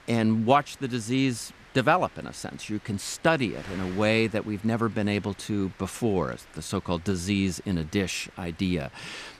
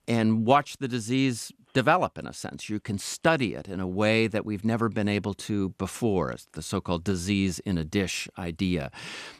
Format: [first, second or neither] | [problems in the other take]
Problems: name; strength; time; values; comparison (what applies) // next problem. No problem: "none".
second | wind noise on the microphone; occasional gusts; 20 dB below the speech